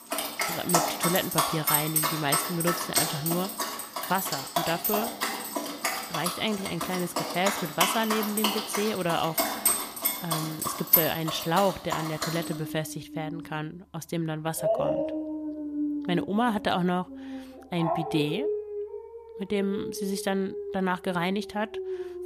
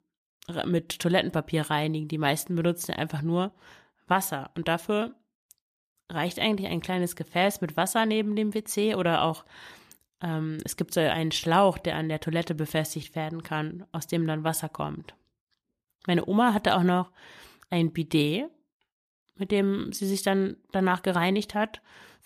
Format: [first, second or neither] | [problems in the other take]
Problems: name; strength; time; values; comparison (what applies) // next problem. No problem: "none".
second | animal sounds; very loud; throughout; 1 dB above the speech